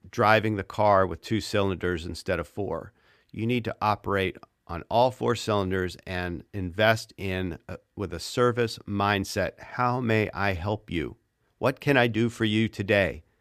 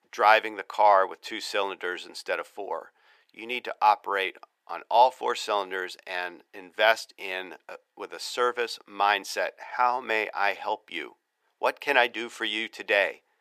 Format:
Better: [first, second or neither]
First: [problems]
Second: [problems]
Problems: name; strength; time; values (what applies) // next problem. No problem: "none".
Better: first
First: none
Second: thin; very; fading below 450 Hz